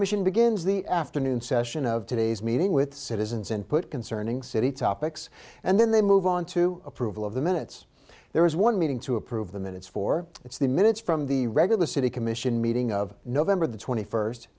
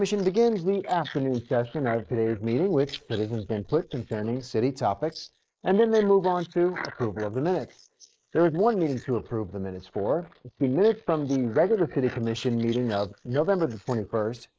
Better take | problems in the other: first | noise reduction (neural mask model Resemble Enhance denoiser)

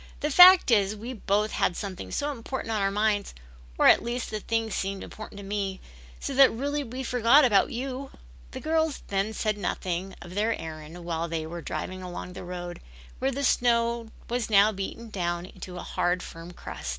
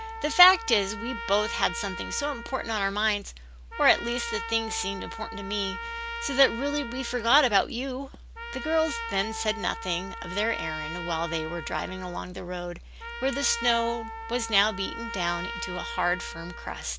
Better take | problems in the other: first | background sound (Trumpet); 9 dB below the speech

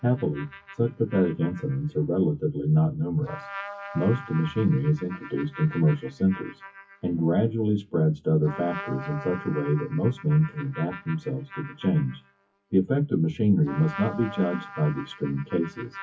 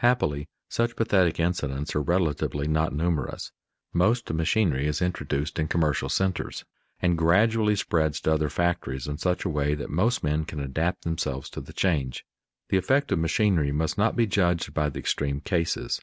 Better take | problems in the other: second | noise reduction (classical method WPE with log-MMSE)

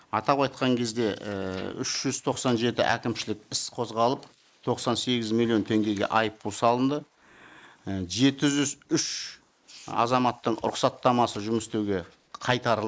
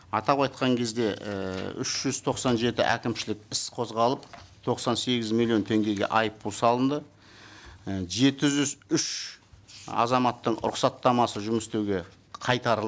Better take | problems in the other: second | noise reduction (neural mask model Resemble Enhance denoiser)

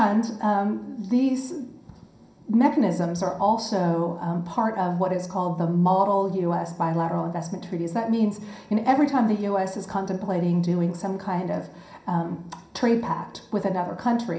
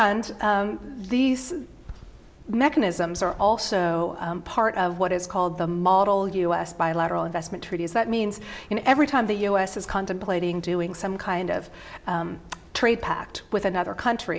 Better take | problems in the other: second | room echo; dies away in 0.5 s

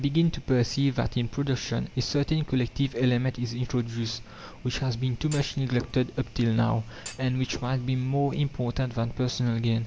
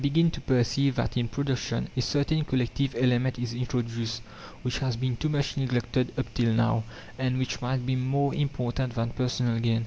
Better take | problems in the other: second | background sound (Thump, thud); 17 dB below the speech

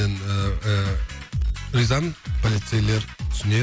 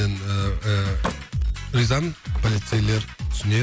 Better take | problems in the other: first | background sound (Slam); 17 dB below the speech

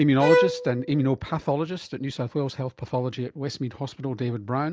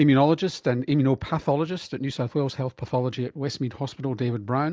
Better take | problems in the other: second | background sound (Bowed string instrument); 2 dB below the speech

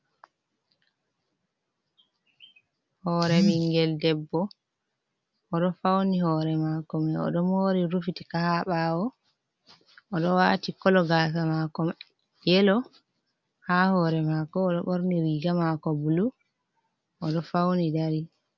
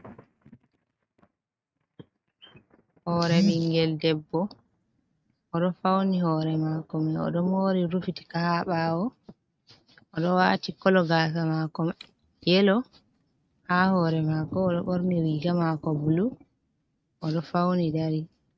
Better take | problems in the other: first | noise reduction (neural mask model RNNoise)

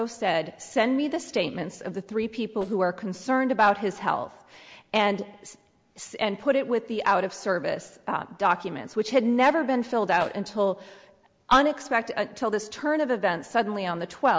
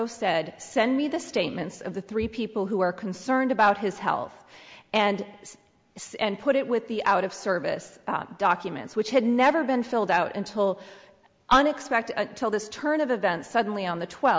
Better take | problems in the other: second | noise reduction (neural separator model SepFormer DNS4)

